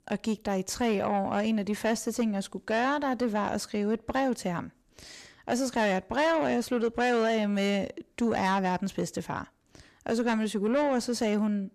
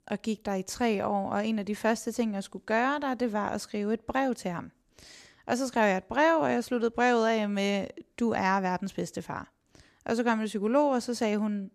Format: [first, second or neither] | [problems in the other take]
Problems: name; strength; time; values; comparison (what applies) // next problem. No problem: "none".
second | distortion; slight; 10 dB below the speech